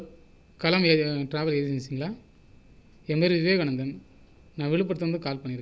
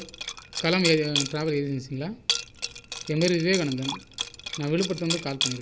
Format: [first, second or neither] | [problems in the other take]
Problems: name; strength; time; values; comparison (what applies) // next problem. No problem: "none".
first | background sound (Liquid); 6 dB below the speech